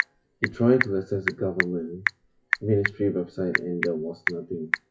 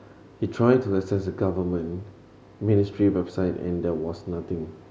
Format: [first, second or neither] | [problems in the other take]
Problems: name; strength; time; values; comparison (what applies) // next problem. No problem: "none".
second | noise reduction (classical method WPE with log-MMSE)